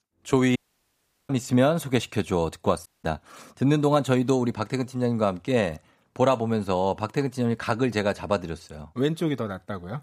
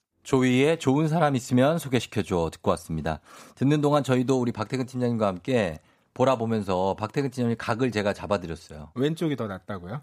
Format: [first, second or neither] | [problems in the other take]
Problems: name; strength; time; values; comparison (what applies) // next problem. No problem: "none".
second | audio cutting out; at 0.5 s for 0.5 s and at 3 s